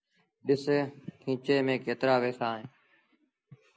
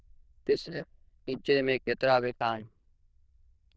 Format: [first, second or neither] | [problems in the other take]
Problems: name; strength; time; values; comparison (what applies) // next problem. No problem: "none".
first | noise reduction (neural diffusion model UNIVERSE++)